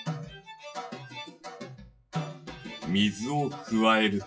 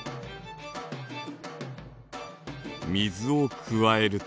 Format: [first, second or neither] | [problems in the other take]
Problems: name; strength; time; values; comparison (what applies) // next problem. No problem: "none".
second | noise reduction (classical method WPE with log-MMSE)